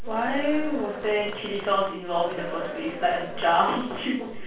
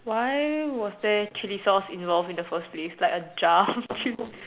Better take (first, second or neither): second